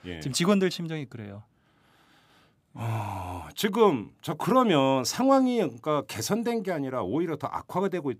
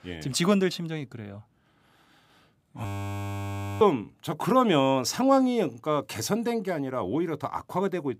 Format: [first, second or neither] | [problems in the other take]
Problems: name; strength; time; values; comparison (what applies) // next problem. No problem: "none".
first | audio freezing; at 3 s for 1 s